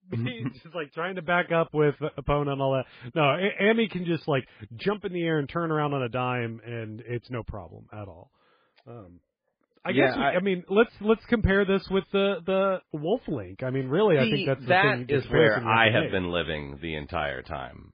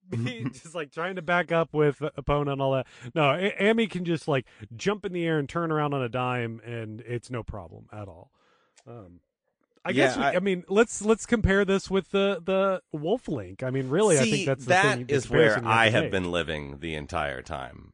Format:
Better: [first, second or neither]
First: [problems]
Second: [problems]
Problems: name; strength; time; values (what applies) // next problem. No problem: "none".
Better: second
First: garbled, watery; badly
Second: garbled, watery; slightly; nothing above 9 kHz